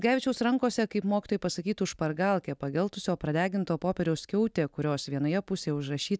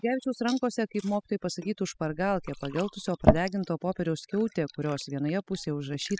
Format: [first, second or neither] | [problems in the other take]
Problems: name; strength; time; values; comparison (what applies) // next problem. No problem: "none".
first | noise reduction (classical method spectral subtraction)